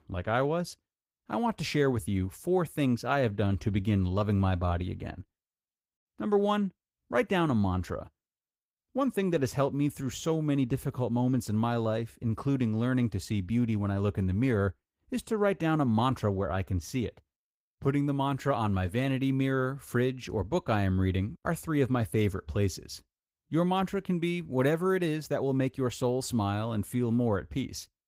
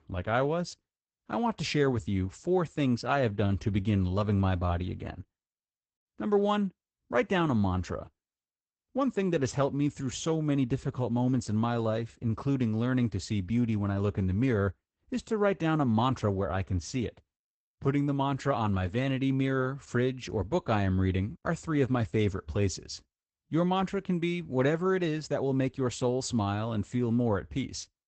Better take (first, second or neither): first